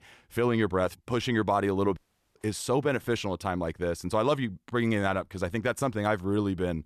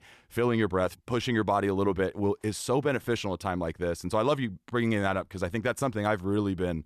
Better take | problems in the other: second | audio cutting out; at 2 s

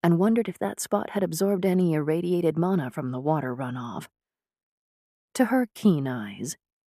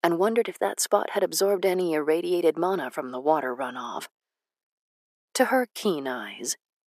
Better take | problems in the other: first | thin; somewhat; fading below 350 Hz

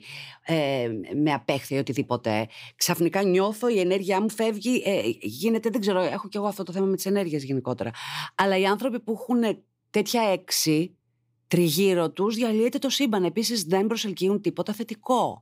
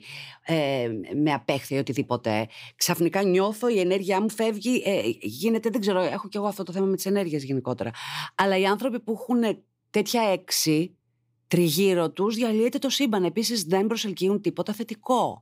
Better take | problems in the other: neither | none

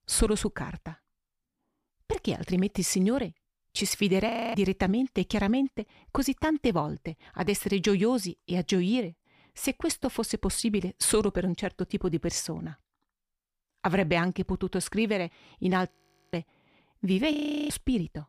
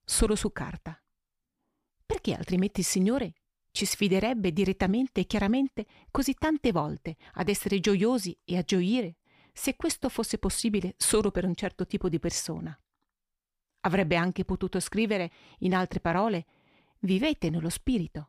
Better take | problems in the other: second | audio freezing; at 4.5 s, at 16 s and at 17 s

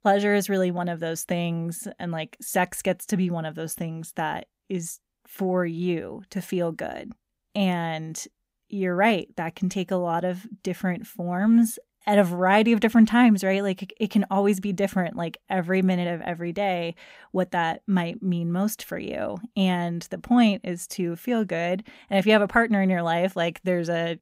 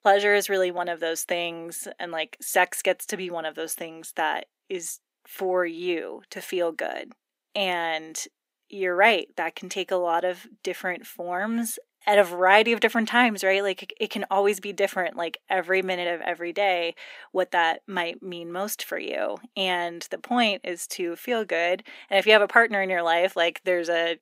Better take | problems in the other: first | thin; somewhat; fading below 300 Hz

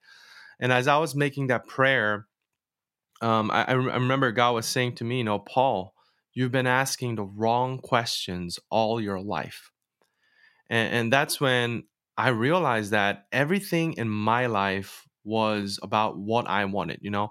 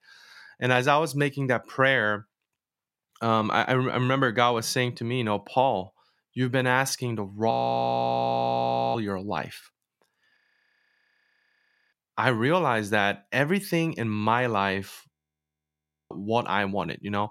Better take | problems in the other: first | audio freezing; at 7.5 s for 1.5 s, at 10 s for 1.5 s and at 15 s for 1 s

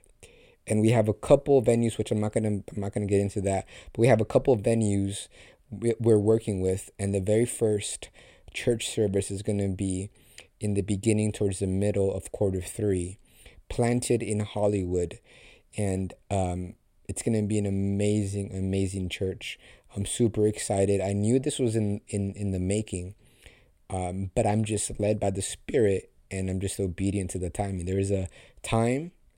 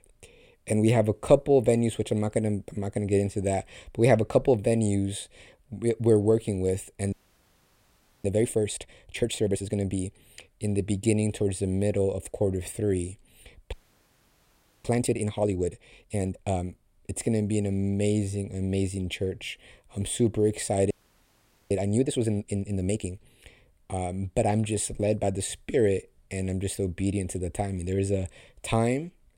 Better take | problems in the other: first | audio freezing; at 7 s for 1 s, at 14 s for 1 s and at 21 s for 1 s

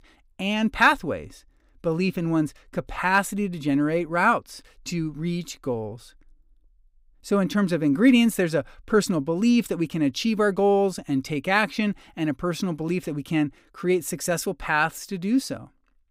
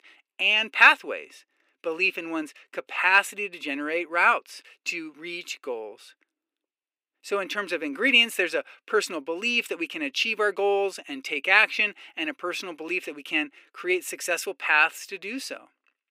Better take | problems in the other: first | thin; very; fading below 350 Hz

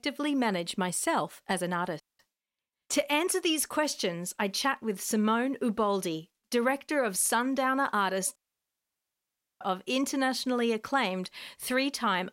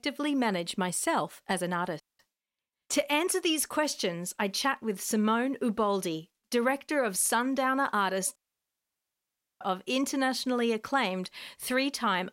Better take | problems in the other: neither | audio cutting out; at 2 s and at 8.5 s for 1.5 s; the same in both

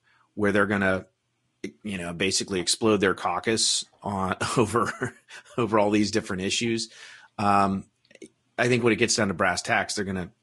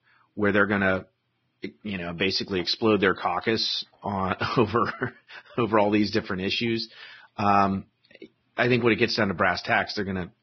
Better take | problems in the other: first | garbled, watery; badly; nothing above 5.5 kHz; slightly in the first

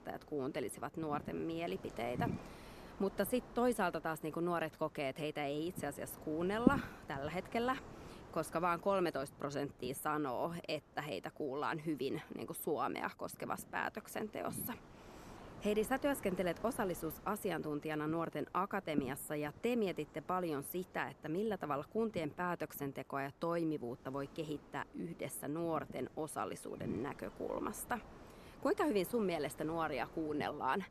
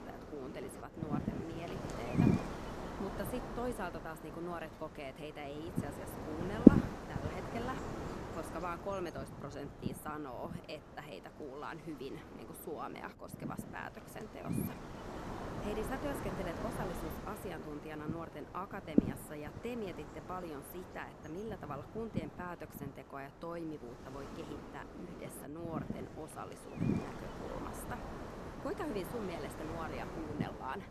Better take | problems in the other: first | wind noise on the microphone; heavy; 2 dB above the speech; occasional gusts in the first

